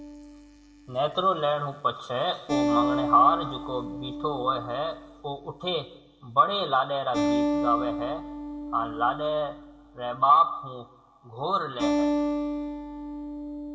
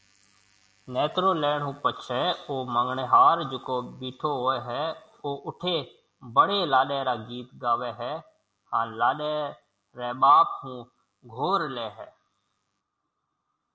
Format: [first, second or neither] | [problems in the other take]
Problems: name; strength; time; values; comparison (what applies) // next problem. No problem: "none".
second | background sound (Acoustic guitar); 4 dB below the speech // room echo; dies away in 1.8 s